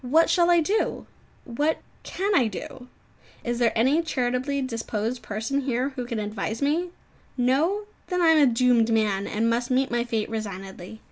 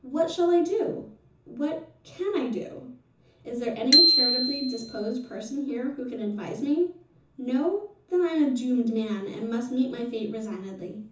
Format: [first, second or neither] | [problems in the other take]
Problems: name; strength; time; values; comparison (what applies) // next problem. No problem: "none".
first | background sound (Bicycle bell); 3 dB above the speech // room echo; dies away in 0.6 s